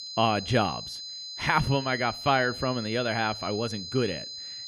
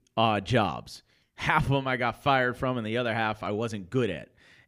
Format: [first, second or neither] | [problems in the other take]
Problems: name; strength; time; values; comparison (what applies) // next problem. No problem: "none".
second | high-pitched whine; loud; throughout; 4 kHz, 9 dB below the speech